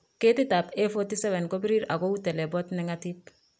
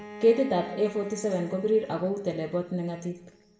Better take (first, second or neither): first